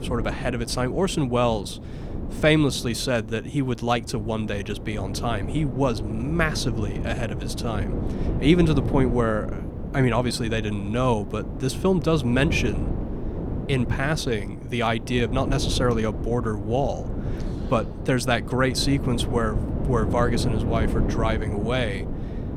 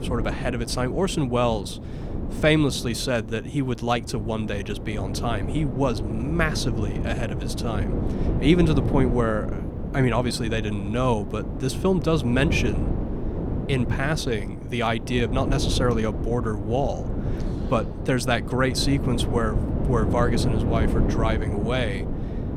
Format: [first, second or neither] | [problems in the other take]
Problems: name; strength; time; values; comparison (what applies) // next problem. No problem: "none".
first | wind noise on the microphone; heavy; 9 dB below the speech; occasional gusts in the first